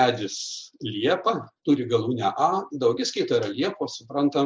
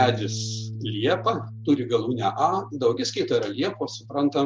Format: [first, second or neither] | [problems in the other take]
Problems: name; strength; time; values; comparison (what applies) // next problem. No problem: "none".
first | background sound (Bass guitar); 11 dB below the speech